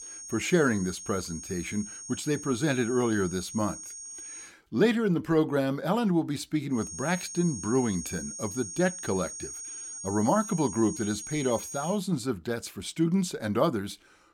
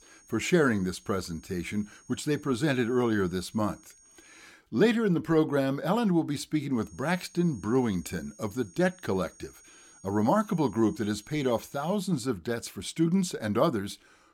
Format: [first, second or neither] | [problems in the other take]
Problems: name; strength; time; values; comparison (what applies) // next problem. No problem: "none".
second | high-pitched whine; loud; until 4.5 s and from 7 to 12 s; 6.5 kHz, 9 dB below the speech; faint in the second